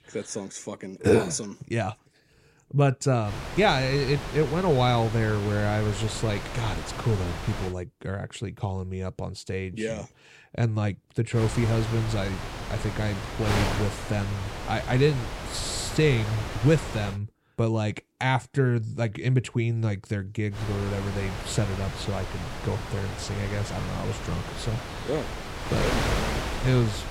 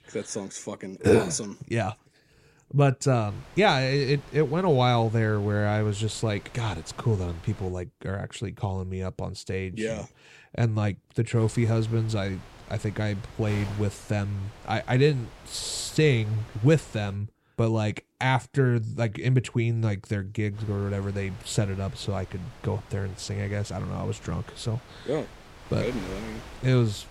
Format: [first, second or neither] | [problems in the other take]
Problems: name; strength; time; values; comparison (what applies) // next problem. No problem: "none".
second | wind noise on the microphone; heavy; from 3.5 to 7.5 s, from 11 to 17 s and from 21 s on; 4 dB below the speech; occasional gusts in the second